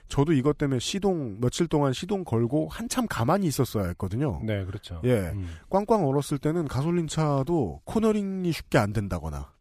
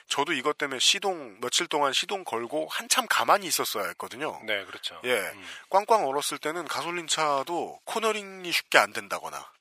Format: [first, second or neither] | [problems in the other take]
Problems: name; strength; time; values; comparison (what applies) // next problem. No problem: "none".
first | thin; very; fading below 800 Hz